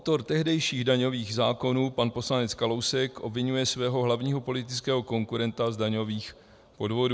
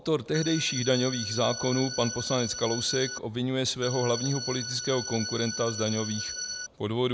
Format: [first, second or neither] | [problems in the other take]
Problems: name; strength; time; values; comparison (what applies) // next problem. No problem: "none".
first | background sound (Organ); 7 dB below the speech